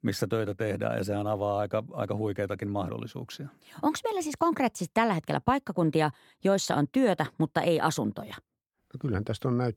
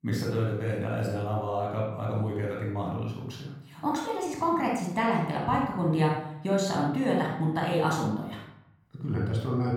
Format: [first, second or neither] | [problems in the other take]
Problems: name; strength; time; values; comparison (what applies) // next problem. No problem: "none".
first | off-mic speech; somewhat distant // room echo; noticeable; dies away in 0.7 s